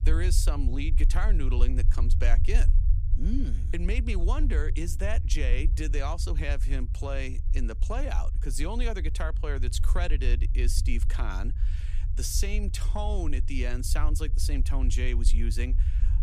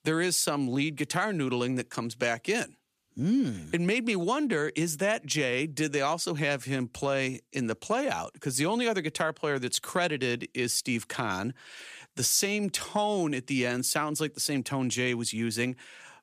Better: second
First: low rumble; noticeable; throughout; 15 dB below the speech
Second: none

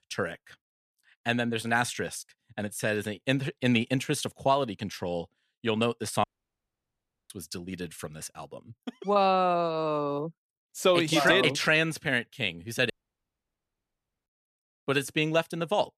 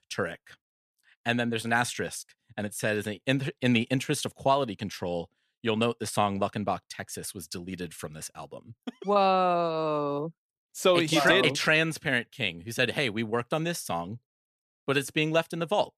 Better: second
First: audio cutting out; at 6 s for 1 s and at 13 s for 1.5 s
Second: none

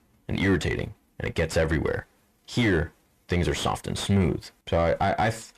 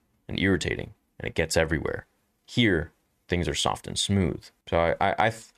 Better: second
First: distortion; heavy; 7 dB below the speech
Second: none

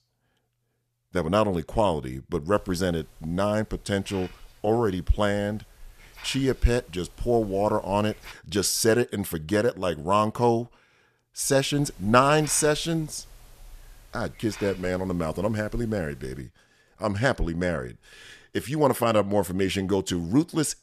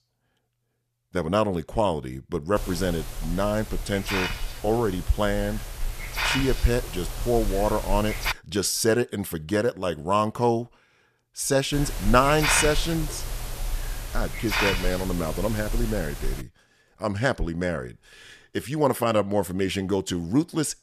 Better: first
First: hiss; faint; from 2.5 to 8.5 s and from 12 to 16 s; 25 dB below the speech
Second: hiss; loud; from 2.5 to 8.5 s and from 12 to 16 s; 5 dB below the speech

